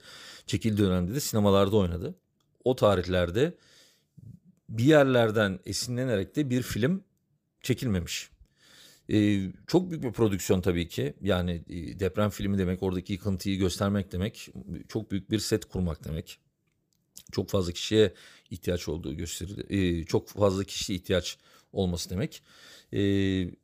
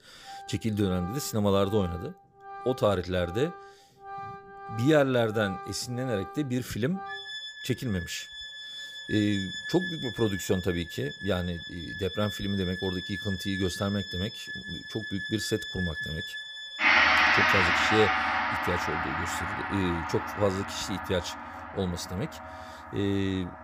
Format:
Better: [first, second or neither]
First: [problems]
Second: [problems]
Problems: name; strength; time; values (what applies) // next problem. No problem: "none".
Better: first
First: none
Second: background music; very loud; throughout; as loud as the speech